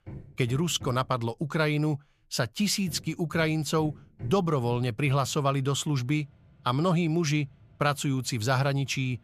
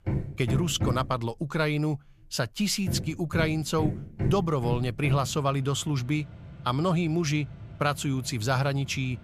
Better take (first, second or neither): first